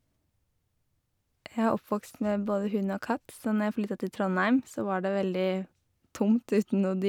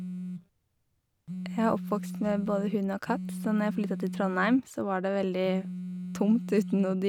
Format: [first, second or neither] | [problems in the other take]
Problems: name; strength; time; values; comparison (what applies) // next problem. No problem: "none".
first | background sound (Telephone); 8 dB below the speech